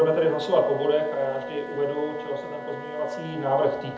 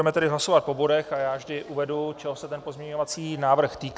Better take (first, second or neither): second